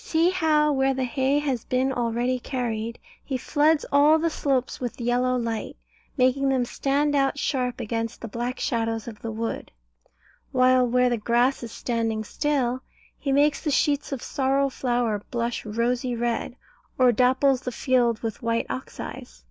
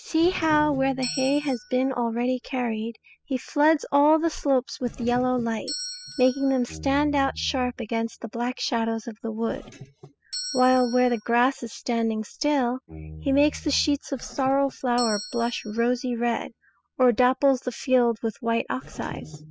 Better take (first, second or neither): first